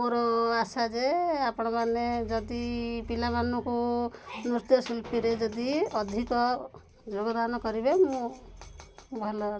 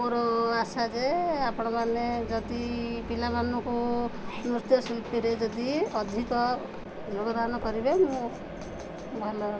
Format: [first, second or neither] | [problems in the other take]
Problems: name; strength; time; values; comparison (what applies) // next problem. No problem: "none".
first | background sound (Mechanisms); 10 dB below the speech